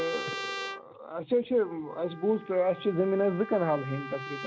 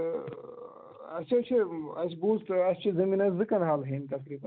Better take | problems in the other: second | background sound (Trumpet); 11 dB below the speech

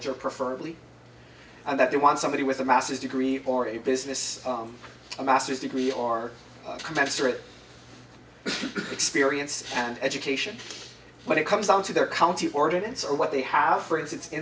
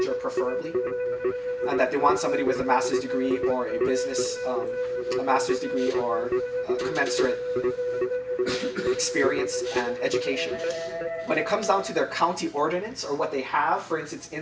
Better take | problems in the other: first | background sound (Keyboard (musical)); as loud as the speech

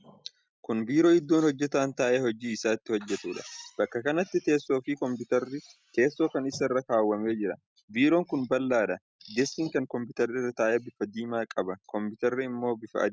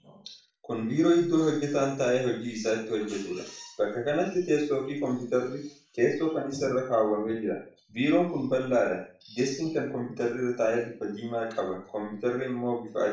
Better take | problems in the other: first | room echo; dies away in 0.4 s

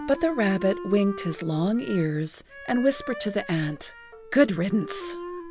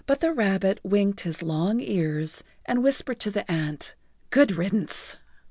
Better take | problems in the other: second | background sound (Wind instrument, woodwind instrument); 13 dB below the speech

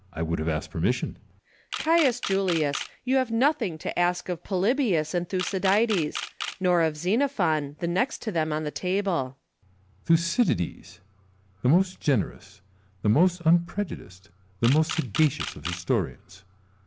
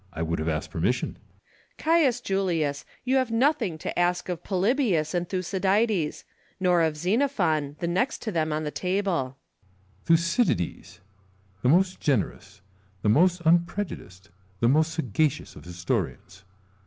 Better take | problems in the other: second | background sound (Camera); 11 dB below the speech

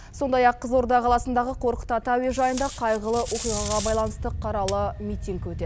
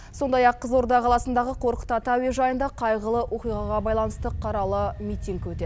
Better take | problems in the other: second | background sound (Packing tape, duct tape); 13 dB below the speech

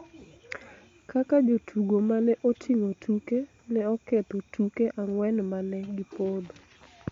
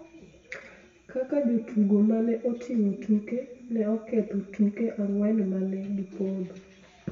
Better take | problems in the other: first | room echo; dies away in 0.8 s

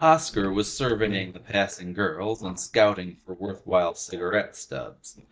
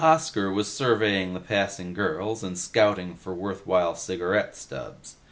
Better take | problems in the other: second | noise reduction (neural mask model DeepFilterNet 3)

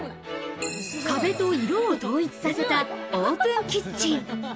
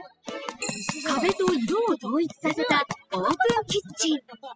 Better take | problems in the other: first | noise reduction (classical method spectral subtraction)

